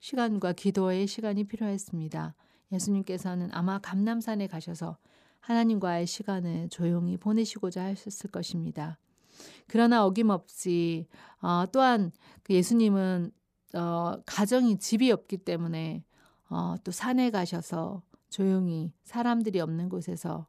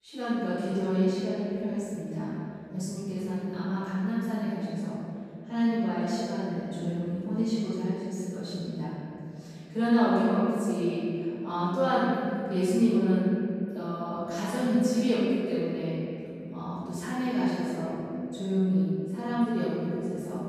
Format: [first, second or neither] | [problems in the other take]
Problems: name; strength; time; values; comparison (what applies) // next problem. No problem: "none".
first | off-mic speech; far // room echo; strong; dies away in 2.9 s